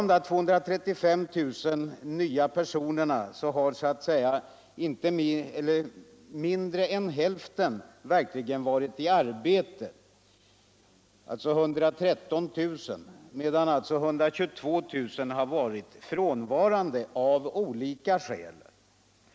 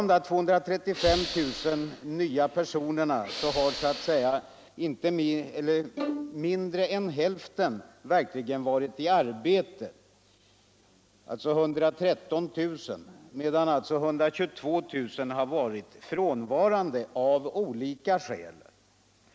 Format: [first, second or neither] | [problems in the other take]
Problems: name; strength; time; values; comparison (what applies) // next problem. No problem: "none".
first | background sound (Bowed string instrument + Hiss / Breathing); 10 dB below the speech